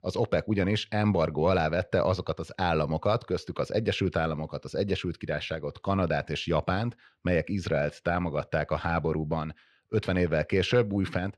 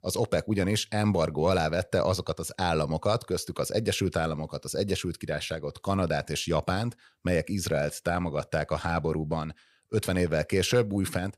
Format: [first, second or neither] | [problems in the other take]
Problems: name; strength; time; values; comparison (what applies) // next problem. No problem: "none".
second | muffled; slightly; fading above 3 kHz